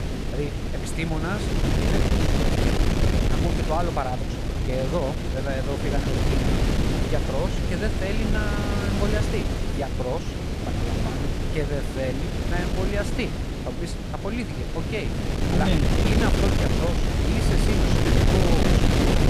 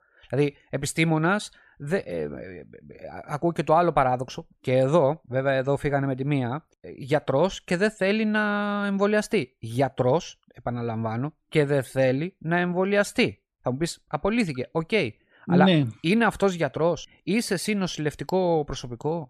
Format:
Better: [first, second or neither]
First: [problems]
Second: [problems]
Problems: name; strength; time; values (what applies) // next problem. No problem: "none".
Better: second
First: wind noise on the microphone; heavy; 2 dB above the speech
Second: none